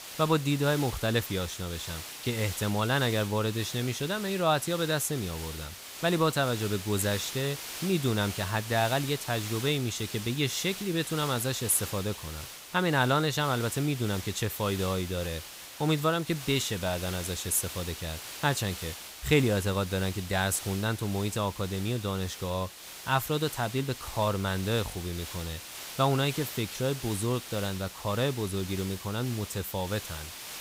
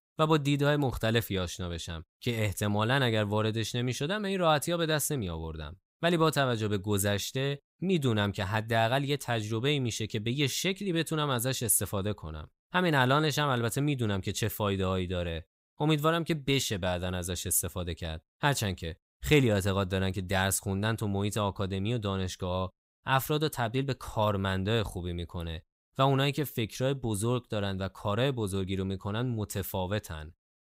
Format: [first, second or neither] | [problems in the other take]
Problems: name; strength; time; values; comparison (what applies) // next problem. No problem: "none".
second | hiss; loud; throughout; 10 dB below the speech